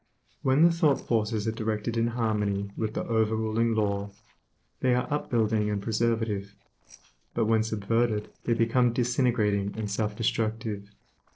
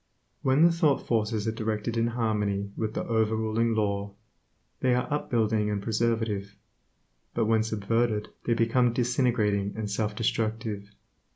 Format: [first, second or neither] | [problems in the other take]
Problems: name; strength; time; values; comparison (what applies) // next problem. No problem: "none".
second | noise reduction (neural separator model SepFormer DNS4)